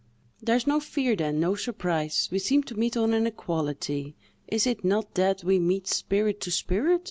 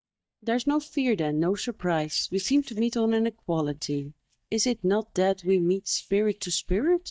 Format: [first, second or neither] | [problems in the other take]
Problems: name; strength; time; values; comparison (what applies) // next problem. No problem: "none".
first | noise reduction (neural mask model DeepFilterNet 3)